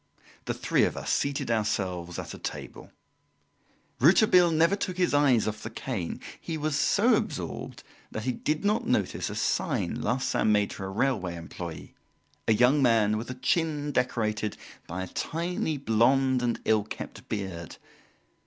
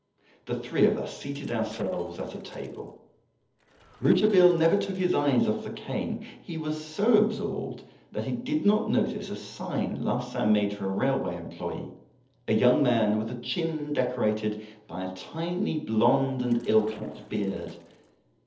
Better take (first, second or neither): first